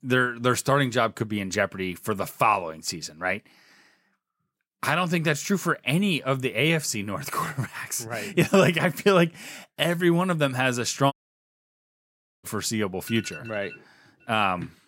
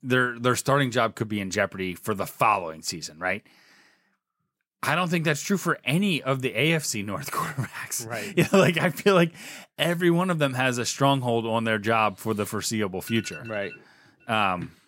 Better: second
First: audio cutting out; at 11 s for 1.5 s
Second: none

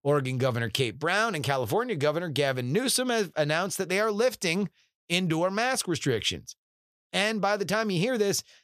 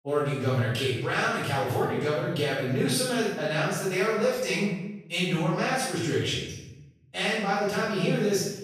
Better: first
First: none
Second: off-mic speech; far // room echo; strong; dies away in 0.8 s

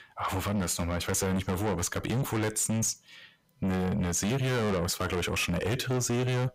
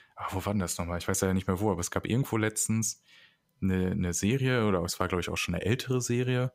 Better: second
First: distortion; heavy; 6 dB below the speech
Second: none

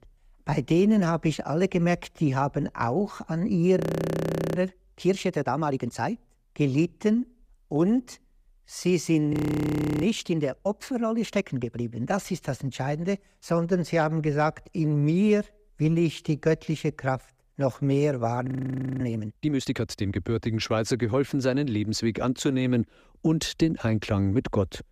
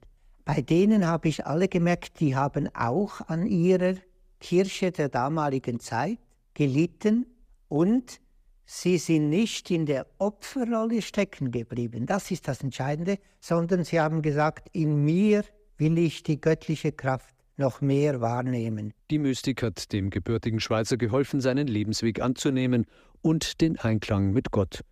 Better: second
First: audio freezing; at 4 s for 1 s, at 9.5 s for 0.5 s and at 18 s for 0.5 s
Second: none

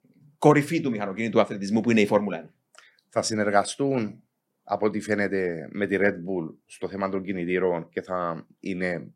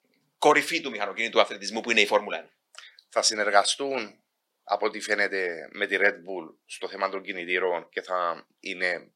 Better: first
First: none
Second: thin; somewhat; fading below 550 Hz

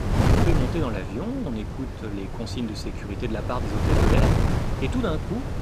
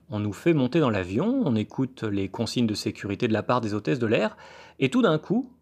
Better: second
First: wind noise on the microphone; heavy; 1 dB above the speech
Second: none

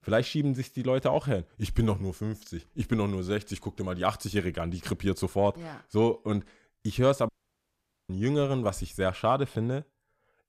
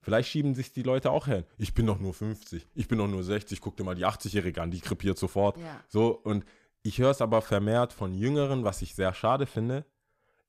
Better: second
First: audio cutting out; at 7.5 s for 1 s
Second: none

